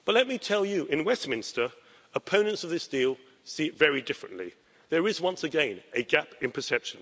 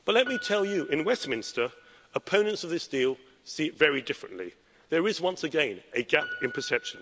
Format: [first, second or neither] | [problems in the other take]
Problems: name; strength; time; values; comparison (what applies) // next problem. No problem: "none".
first | background sound (Piano); 17 dB below the speech